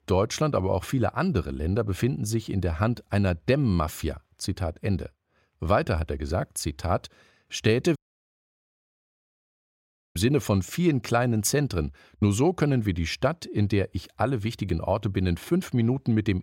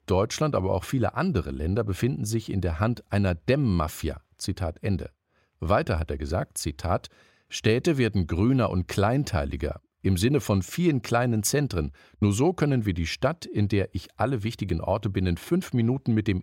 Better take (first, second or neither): second